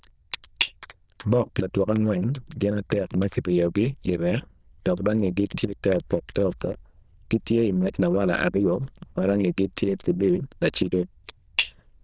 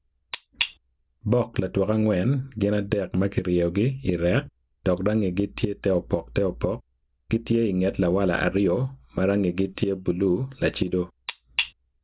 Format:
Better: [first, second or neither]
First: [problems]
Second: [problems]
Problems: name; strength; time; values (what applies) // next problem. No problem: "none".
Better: second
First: noise reduction (neural diffusion model UNIVERSE++)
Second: none